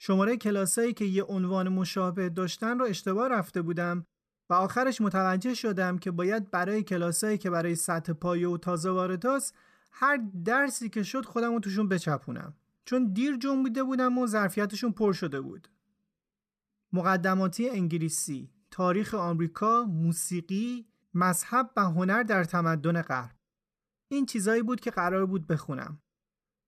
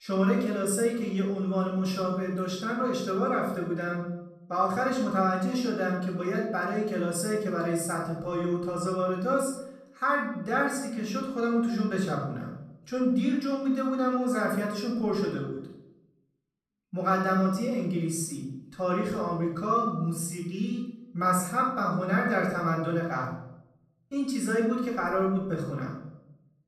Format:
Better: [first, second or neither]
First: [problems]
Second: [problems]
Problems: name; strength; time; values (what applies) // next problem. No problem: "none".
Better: first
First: none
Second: off-mic speech; far // room echo; noticeable; dies away in 0.7 s